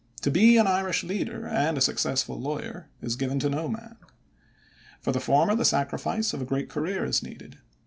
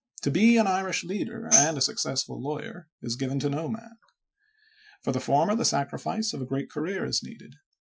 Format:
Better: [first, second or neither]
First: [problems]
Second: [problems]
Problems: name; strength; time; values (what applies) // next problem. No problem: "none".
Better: first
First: none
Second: noise reduction (classical method Wiener filter)